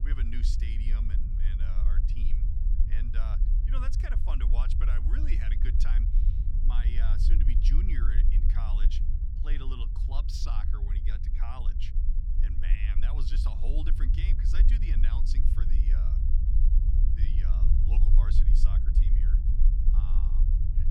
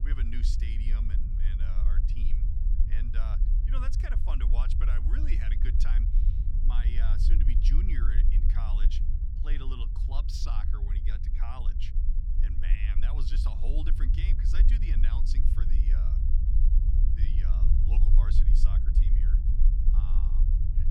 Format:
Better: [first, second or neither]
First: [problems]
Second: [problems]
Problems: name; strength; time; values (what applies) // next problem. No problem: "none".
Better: neither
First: low rumble; loud; throughout; 3 dB below the speech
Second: low rumble; loud; throughout; 3 dB below the speech